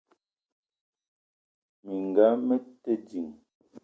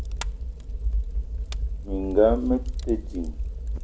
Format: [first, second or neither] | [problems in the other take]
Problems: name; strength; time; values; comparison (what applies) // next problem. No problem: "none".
first | background sound (Fire); 1 dB below the speech